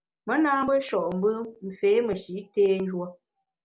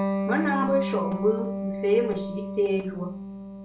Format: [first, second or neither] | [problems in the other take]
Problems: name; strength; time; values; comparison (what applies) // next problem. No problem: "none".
first | background sound (Electric guitar); 3 dB below the speech // room echo; dies away in 0.4 s